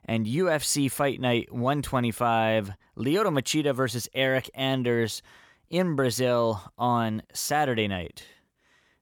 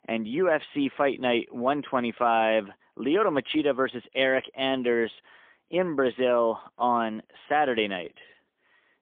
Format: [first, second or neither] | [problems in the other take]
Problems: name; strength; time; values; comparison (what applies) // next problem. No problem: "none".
first | phone-call audio; poor line; nothing above 3.5 kHz